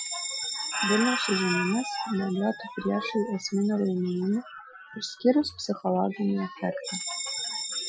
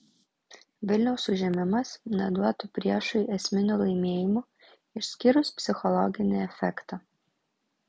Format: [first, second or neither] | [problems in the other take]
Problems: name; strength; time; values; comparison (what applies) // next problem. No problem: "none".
second | noise reduction (classical method Wiener filter)